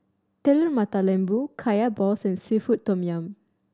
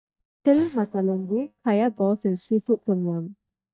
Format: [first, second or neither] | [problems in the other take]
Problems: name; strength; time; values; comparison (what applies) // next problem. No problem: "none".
first | noise reduction (neural mask model DeepFilterNet 3)